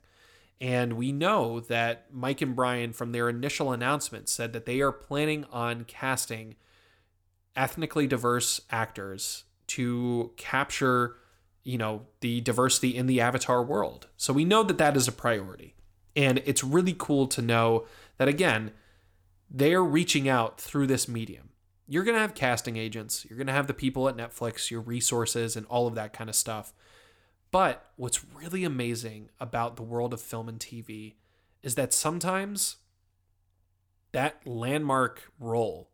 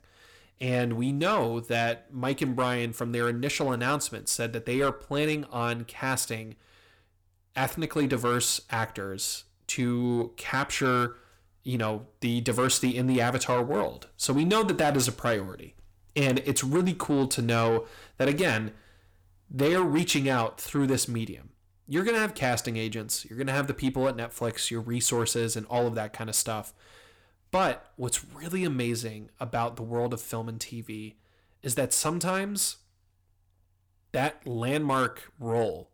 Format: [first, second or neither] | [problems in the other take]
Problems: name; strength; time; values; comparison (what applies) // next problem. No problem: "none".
first | distortion; slight; 10 dB below the speech